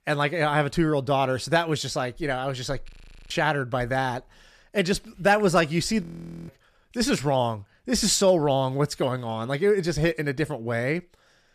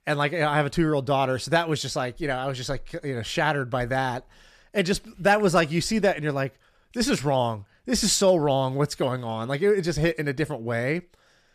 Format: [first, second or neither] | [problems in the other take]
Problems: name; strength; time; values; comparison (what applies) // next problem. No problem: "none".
second | audio freezing; at 3 s and at 6 s